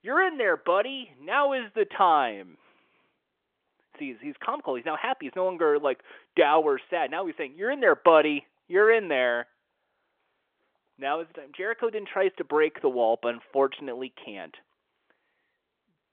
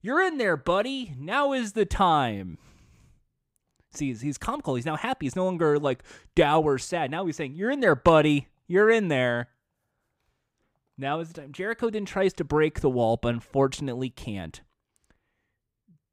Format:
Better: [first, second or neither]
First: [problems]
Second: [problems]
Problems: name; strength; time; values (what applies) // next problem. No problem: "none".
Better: second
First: phone-call audio; nothing above 3.5 kHz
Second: none